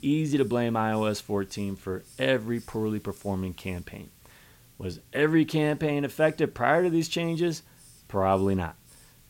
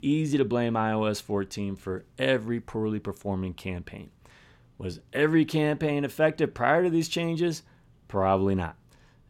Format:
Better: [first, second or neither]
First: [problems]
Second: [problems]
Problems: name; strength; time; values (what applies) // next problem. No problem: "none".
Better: second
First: hiss; faint; throughout; 25 dB below the speech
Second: none